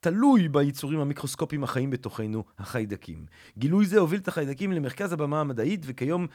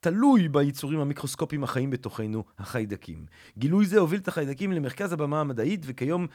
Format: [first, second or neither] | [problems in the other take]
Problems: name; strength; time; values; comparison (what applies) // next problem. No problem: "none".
neither | none